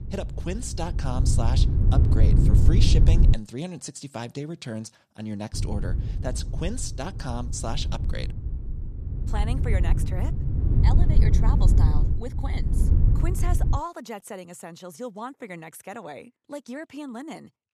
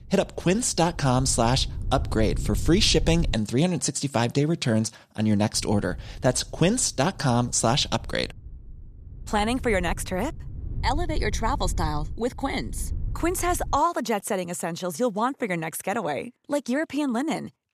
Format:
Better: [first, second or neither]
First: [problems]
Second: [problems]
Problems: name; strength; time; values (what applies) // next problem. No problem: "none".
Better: second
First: wind noise on the microphone; heavy; until 3.5 s and from 5.5 to 14 s; 2 dB below the speech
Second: wind noise on the microphone; occasional gusts; until 3.5 s and from 5.5 to 14 s; 25 dB below the speech